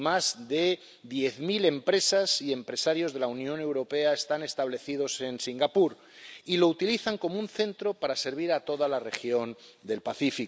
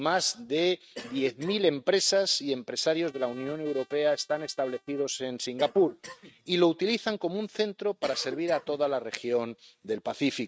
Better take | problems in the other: first | noise reduction (neural mask model RNNoise)

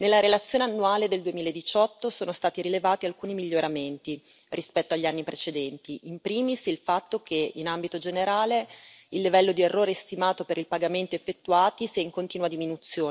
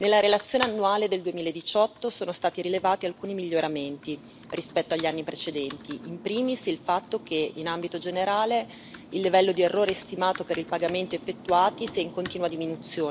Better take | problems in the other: first | background sound (Computer keyboard); 17 dB below the speech

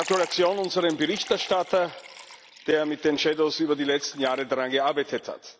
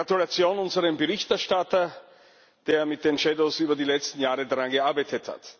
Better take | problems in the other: second | background sound (Liquid); 17 dB below the speech

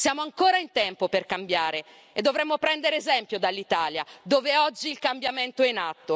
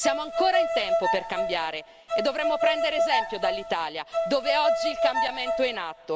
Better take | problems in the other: first | background sound (Bowed string instrument); 2 dB above the speech

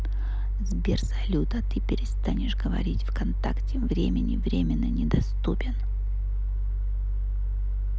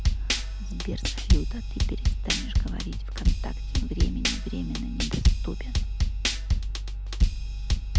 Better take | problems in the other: first | background sound (Drum / Drum kit); 5 dB above the speech

